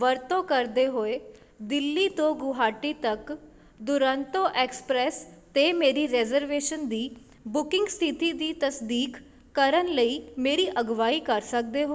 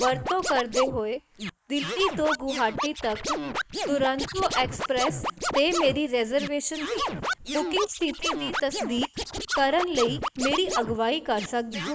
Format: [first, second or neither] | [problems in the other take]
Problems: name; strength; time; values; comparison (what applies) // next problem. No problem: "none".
first | noise reduction (neural mask model Resemble Enhance denoiser)